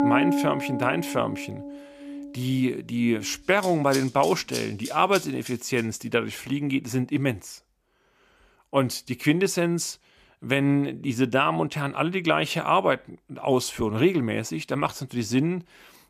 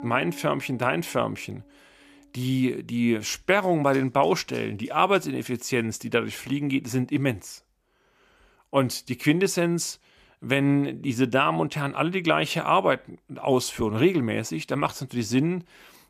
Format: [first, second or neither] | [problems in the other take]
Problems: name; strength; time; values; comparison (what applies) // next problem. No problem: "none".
second | background music; loud; until 5.5 s; 7 dB below the speech; faint in the second